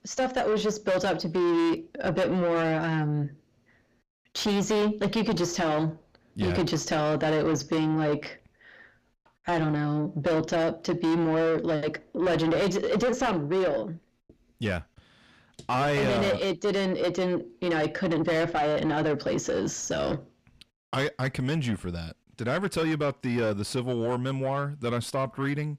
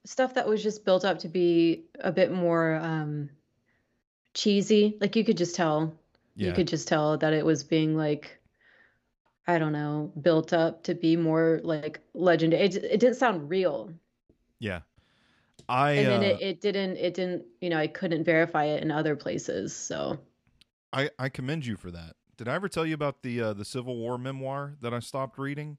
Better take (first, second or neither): second